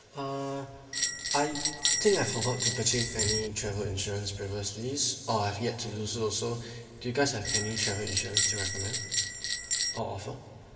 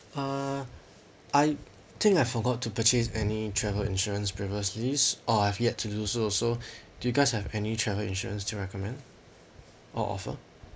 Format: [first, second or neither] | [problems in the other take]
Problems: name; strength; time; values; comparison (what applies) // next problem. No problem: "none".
second | background sound (Bell); 1 dB above the speech // room echo; dies away in 2.7 s